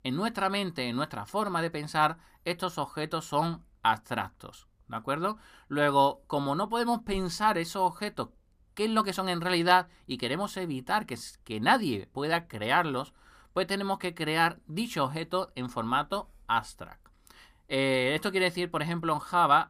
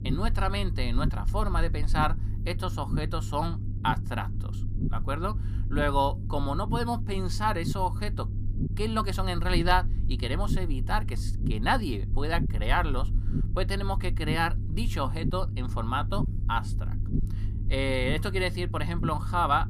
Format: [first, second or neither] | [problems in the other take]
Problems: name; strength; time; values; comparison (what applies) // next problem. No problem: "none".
first | low rumble; noticeable; throughout; 15 dB below the speech